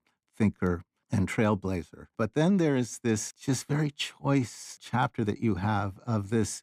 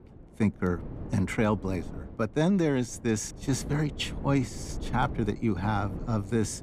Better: first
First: none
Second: wind noise on the microphone; occasional gusts; 15 dB below the speech

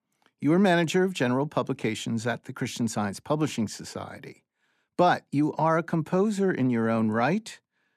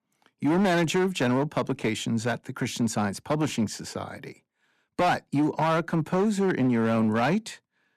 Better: first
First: none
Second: distortion; slight; 9% of the sound clipped

